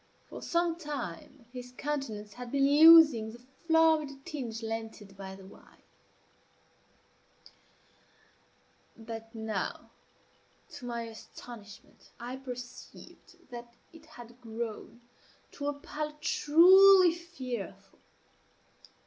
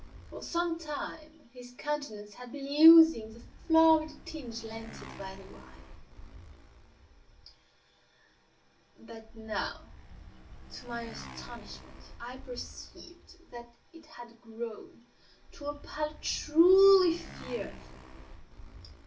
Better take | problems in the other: first | background sound (Motorcycle); 17 dB below the speech // room echo; dies away in 0.2 s

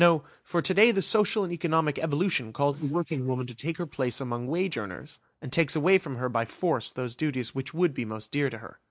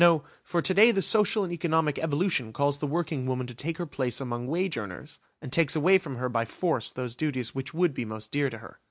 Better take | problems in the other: second | noise reduction (neural mask model Resemble Enhance denoiser)

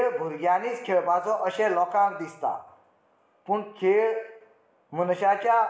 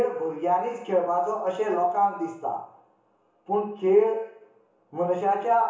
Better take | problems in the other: first | room echo; dies away in 0.8 s

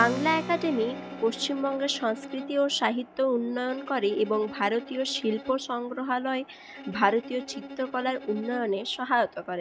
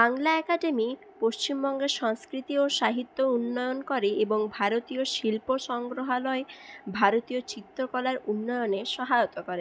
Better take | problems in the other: second | background sound (Bowed string instrument + Keyboard (musical)); 13 dB below the speech

